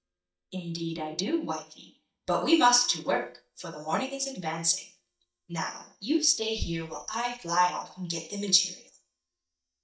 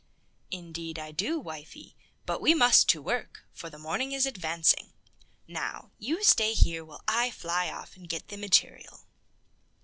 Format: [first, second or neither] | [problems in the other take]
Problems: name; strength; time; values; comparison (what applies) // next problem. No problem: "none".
second | noise reduction (neural mask model DeepFilterNet 3)